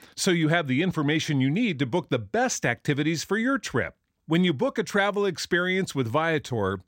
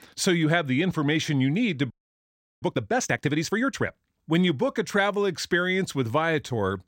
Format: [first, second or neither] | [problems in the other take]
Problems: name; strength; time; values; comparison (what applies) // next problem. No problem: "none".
first | audio freezing; at 2 s for 0.5 s